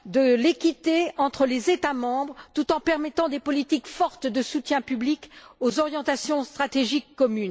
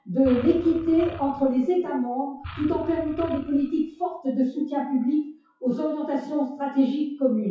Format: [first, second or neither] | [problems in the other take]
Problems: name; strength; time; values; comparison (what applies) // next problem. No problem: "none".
first | noise reduction (classical method WPE with log-MMSE)